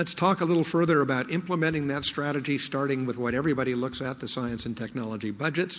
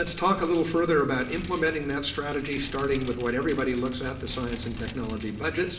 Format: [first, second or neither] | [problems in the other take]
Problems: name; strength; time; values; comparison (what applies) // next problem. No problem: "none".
first | background sound (Vehicle); 12 dB below the speech // room echo; dies away in 0.8 s